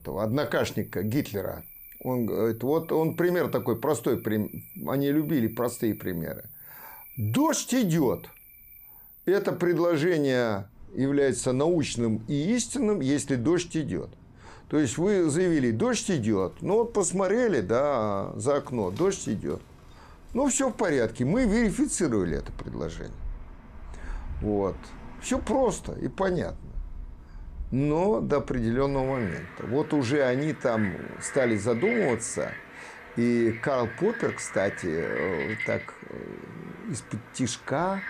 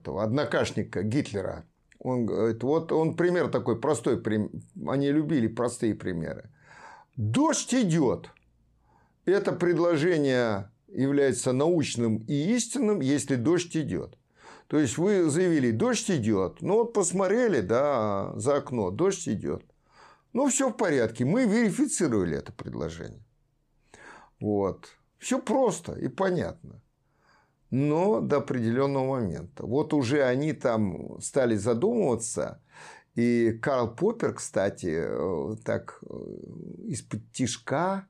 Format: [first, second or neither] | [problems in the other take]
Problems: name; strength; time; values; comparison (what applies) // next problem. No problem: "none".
second | animal sounds; noticeable; throughout; 15 dB below the speech